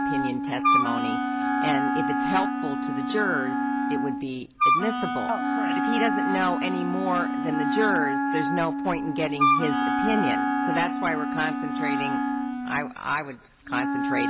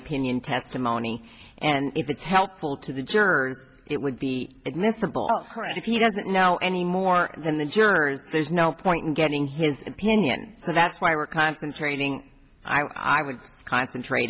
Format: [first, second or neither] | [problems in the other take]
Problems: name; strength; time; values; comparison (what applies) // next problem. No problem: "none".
second | background sound (Wind instrument, woodwind instrument + Wind instrument, woodwind instrument); 4 dB above the speech